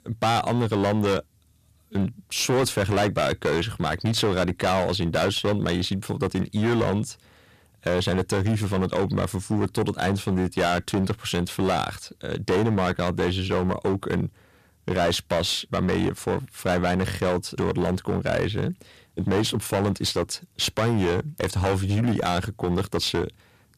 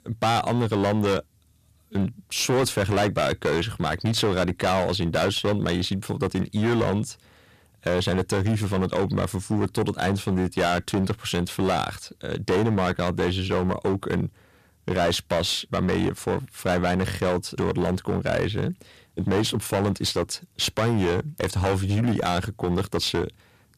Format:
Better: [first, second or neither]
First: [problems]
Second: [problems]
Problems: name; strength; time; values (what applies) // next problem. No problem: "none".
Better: neither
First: distortion; heavy; 14% of the sound clipped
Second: distortion; heavy; 14% of the sound clipped